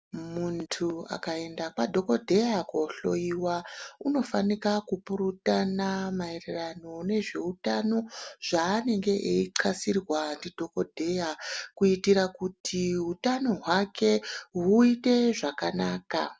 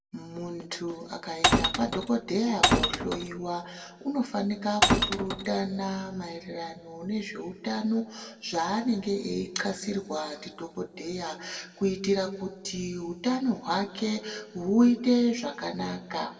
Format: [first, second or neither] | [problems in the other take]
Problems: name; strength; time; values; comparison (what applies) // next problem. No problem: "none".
first | background sound (Glass); 3 dB above the speech // room echo; dies away in 1.4 s